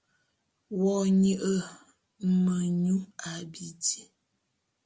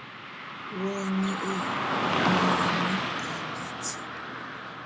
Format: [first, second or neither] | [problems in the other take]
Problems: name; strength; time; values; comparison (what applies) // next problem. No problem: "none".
first | background sound (Car passing by / Traffic noise, roadway noise); 5 dB above the speech